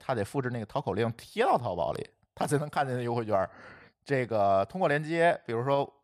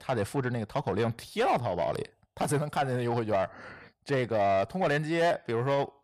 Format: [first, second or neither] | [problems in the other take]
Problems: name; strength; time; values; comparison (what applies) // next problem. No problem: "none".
first | distortion; slight; 10 dB below the speech